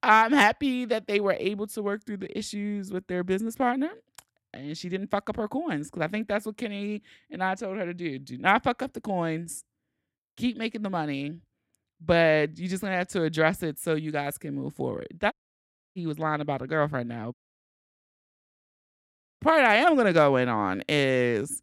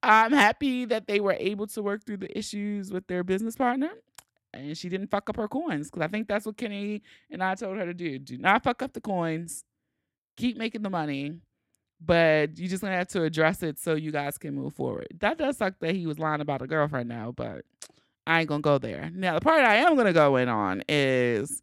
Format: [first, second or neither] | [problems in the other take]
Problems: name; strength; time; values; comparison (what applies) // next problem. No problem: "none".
second | audio cutting out; at 15 s for 0.5 s and at 17 s for 2 s